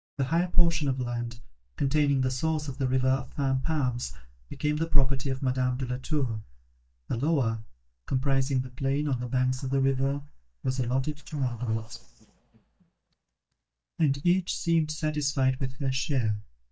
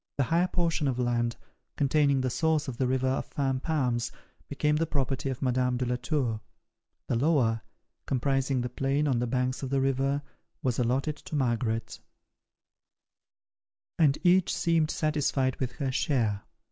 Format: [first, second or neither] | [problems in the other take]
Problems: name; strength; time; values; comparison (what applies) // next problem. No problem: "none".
second | noise reduction (neural mask model DeepFilterNet 3)